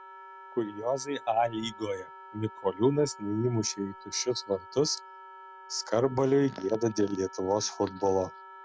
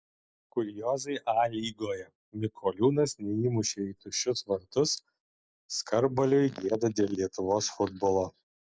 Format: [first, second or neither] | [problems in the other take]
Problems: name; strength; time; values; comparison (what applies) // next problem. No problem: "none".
second | background sound (Wind instrument, woodwind instrument); 17 dB below the speech